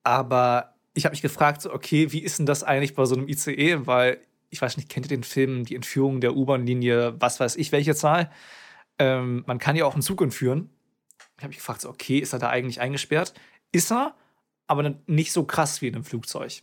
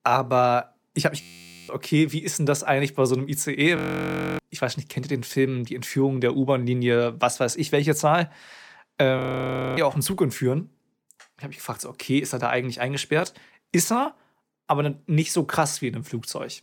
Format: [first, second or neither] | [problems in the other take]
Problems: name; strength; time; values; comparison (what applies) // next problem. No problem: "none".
first | audio freezing; at 1 s, at 4 s for 0.5 s and at 9 s for 0.5 s